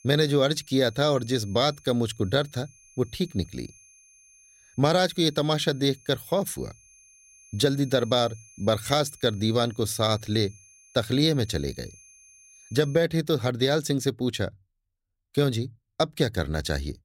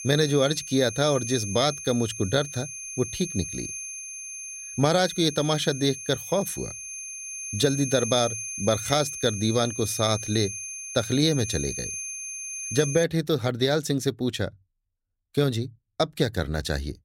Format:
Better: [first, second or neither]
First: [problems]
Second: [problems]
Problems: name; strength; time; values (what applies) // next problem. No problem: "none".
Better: first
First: high-pitched whine; faint; until 13 s; 6.5 kHz, 25 dB below the speech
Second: high-pitched whine; loud; until 13 s; 6.5 kHz, 7 dB below the speech